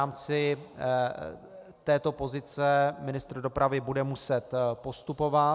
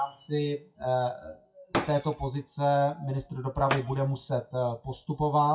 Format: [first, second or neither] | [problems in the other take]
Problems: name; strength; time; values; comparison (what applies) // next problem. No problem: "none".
first | noise reduction (classical method WPE with log-MMSE)